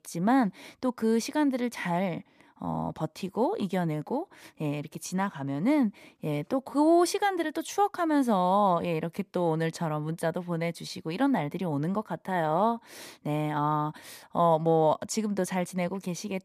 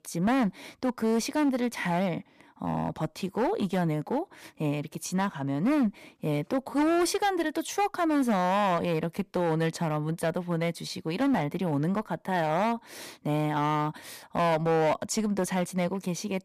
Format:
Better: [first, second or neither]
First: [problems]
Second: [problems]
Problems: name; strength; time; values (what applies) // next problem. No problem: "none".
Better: first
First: none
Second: distortion; slight; 9% of the sound clipped